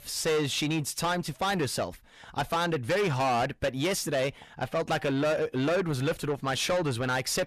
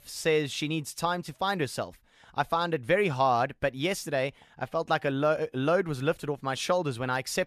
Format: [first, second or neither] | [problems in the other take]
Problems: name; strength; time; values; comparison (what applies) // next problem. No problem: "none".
second | distortion; heavy; 7 dB below the speech